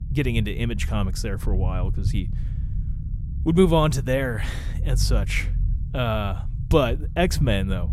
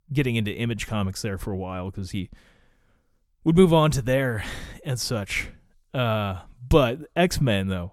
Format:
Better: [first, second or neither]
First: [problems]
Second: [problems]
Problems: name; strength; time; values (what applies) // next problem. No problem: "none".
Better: second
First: low rumble; noticeable; throughout; 20 dB below the speech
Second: none